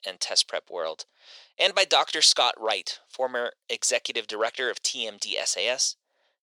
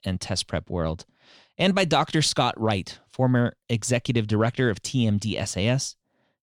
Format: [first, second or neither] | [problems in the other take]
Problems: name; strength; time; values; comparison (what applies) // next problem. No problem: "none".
second | thin; very; fading below 500 Hz